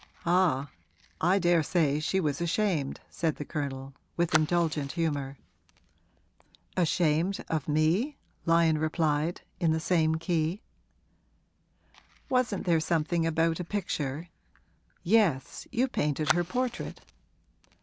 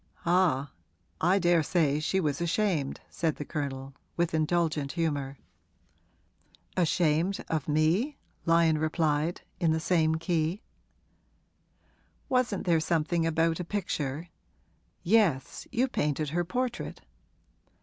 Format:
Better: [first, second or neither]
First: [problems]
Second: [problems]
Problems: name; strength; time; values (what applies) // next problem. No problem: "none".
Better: second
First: background sound (Fire); 16 dB below the speech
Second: none